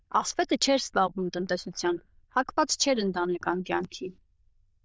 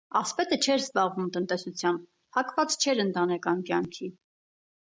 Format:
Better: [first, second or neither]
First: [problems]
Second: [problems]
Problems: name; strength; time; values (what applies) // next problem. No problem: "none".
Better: second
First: noise reduction (neural diffusion model UNIVERSE++)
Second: none